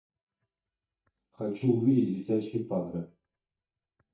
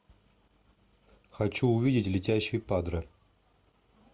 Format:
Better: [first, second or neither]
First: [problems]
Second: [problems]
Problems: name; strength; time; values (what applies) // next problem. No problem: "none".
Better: second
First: noise reduction (neural mask model DeepFilterNet 3)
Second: none